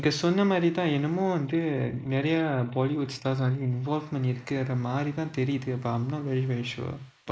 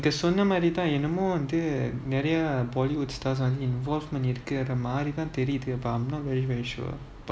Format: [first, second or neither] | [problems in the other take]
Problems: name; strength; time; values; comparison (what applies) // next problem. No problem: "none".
second | noise reduction (neural mask model Resemble Enhance denoiser)